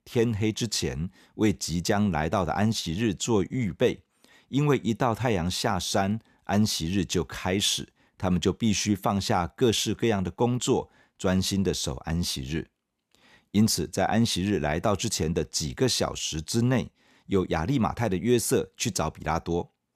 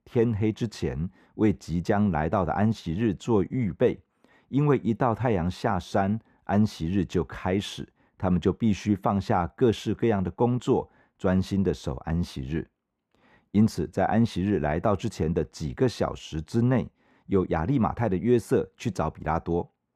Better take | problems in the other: first | muffled; very; fading above 2.5 kHz

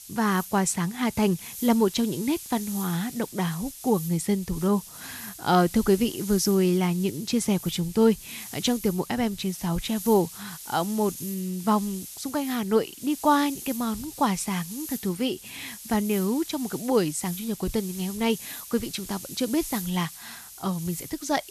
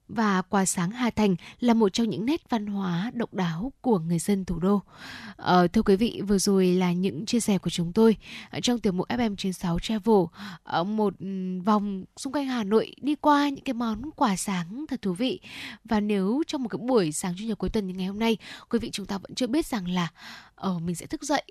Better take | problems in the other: second | hiss; noticeable; throughout; 10 dB below the speech

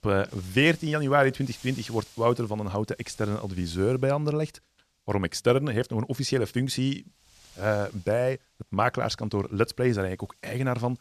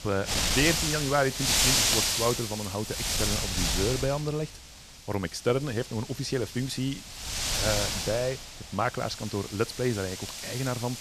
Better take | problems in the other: first | wind noise on the microphone; heavy; 4 dB above the speech; occasional gusts in the first

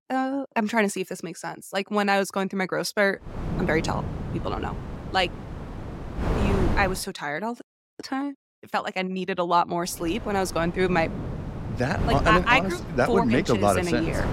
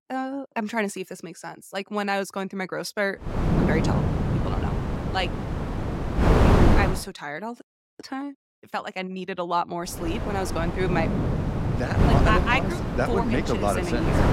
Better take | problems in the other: first | wind noise on the microphone; heavy; from 3.5 to 7 s and from 10 s on; 1 dB below the speech; occasional gusts in the first

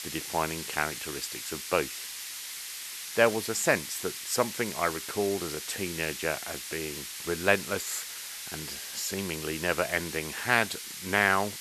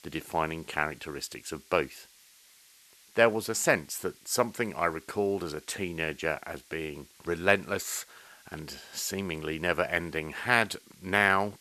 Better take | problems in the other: second | hiss; loud; throughout; 7 dB below the speech; faint in the second

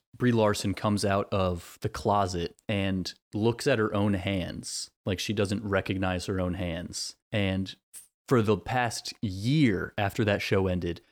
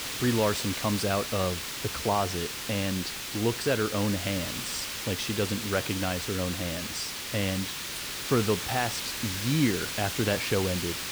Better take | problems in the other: first | hiss; loud; throughout; 3 dB below the speech

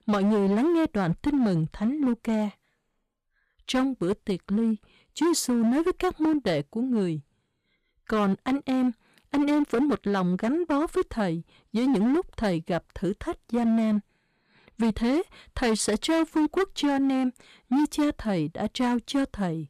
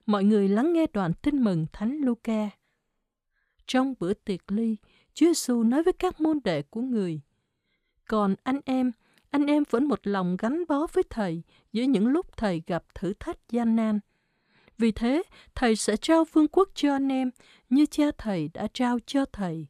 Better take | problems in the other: second | distortion; slight; 12% of the sound clipped

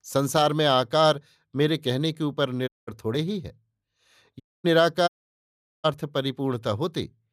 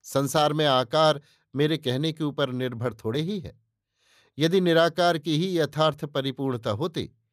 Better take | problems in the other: second | audio cutting out; at 2.5 s, at 4.5 s and at 5 s for 1 s

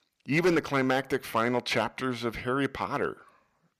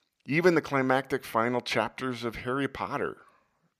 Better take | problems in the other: second | distortion; slight; 3% of the sound clipped

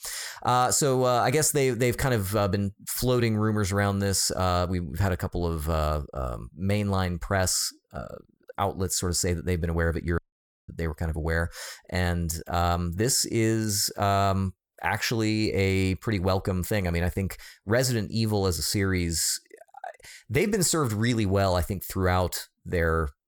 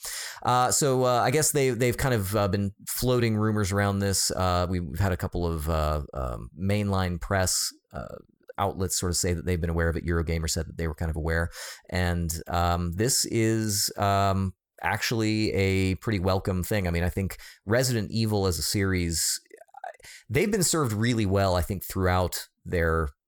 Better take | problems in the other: second | audio cutting out; at 10 s for 0.5 s

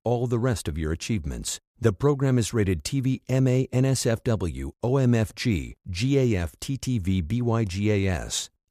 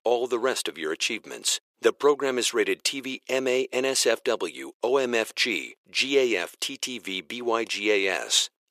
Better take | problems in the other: first | thin; very; fading below 350 Hz

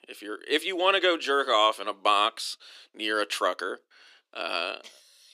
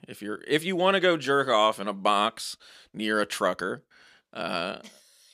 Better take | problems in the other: second | thin; somewhat; fading below 300 Hz

